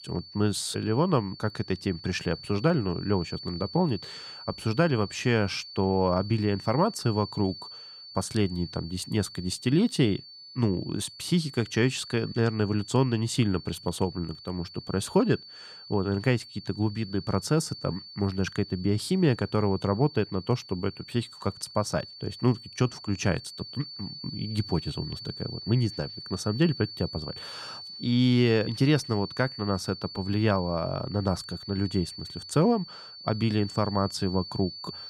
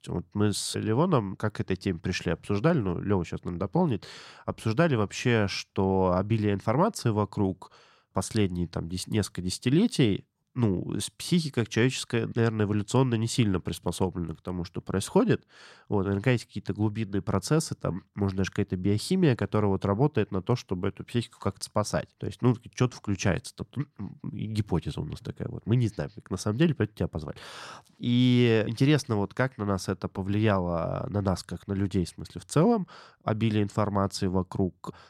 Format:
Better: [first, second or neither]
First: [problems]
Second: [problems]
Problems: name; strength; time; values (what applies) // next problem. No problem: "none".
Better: second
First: high-pitched whine; noticeable; throughout; 4.5 kHz, 15 dB below the speech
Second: none